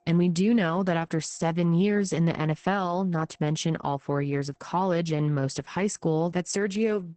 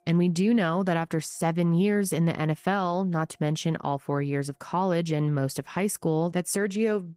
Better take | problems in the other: second | garbled, watery; badly; nothing above 8 kHz; slightly in the second

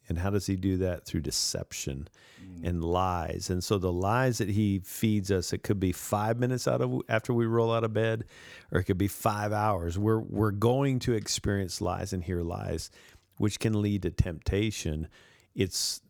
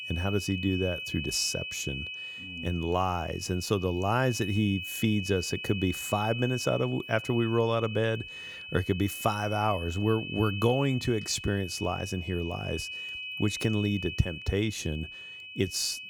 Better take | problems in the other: first | high-pitched whine; loud; throughout; 2.5 kHz, 8 dB below the speech

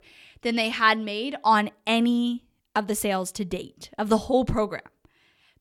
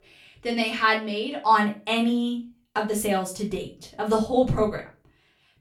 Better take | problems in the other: first | off-mic speech; far // room echo; very slight; dies away in 0.3 s

